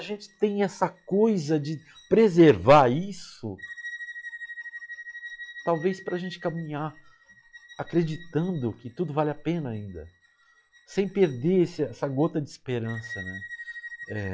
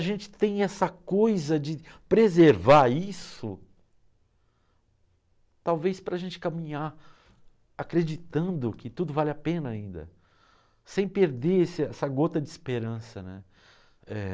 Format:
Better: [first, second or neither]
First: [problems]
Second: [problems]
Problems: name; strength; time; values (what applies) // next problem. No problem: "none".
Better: second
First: noise reduction (classical method log-MMSE)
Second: none